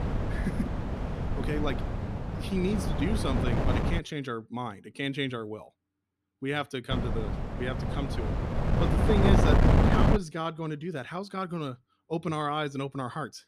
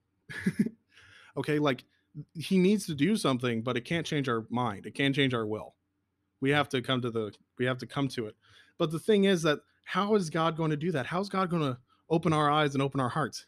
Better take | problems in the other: second | wind noise on the microphone; heavy; until 4 s and from 7 to 10 s; 1 dB above the speech

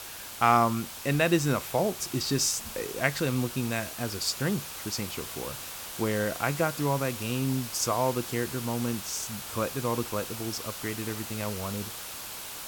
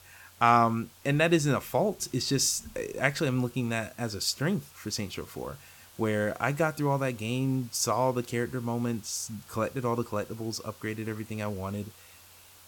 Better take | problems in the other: second | hiss; loud; throughout; 8 dB below the speech; faint in the second

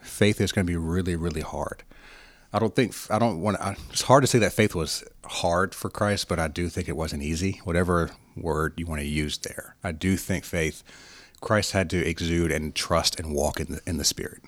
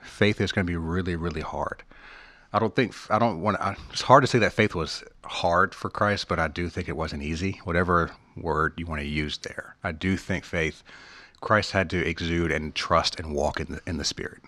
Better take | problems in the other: first | muffled; very slightly; fading above 4 kHz

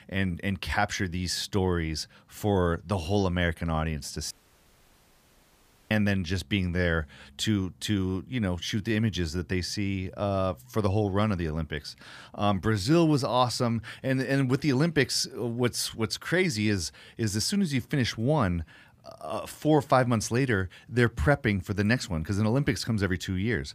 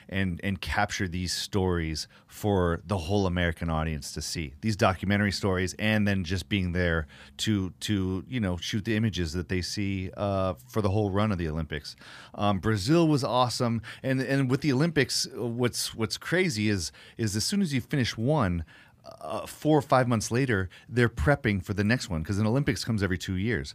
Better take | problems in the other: second | audio cutting out; at 4.5 s for 1.5 s

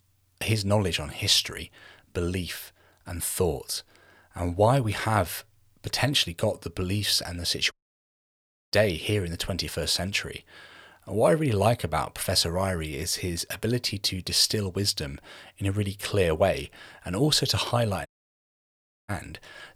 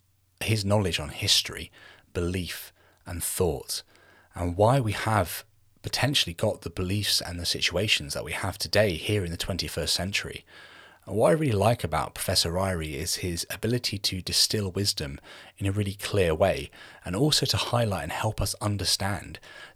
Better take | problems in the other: second | audio cutting out; at 7.5 s for 1 s and at 18 s for 1 s

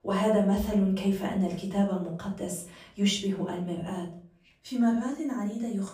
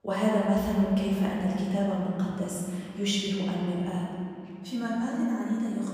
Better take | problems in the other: first | room echo; strong; dies away in 2.7 s; slight in the first // off-mic speech; far; far in the first

